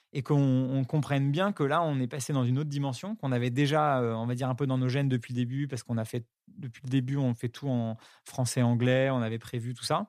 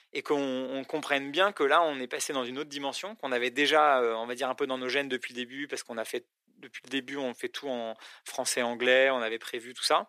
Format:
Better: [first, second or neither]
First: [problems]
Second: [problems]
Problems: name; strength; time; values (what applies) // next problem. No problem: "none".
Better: first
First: none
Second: thin; very; fading below 350 Hz